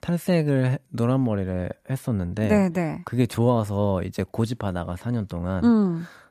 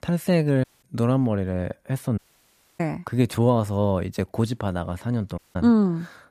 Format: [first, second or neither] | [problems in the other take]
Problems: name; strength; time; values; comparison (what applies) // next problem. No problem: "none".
first | audio cutting out; at 0.5 s, at 2 s for 0.5 s and at 5.5 s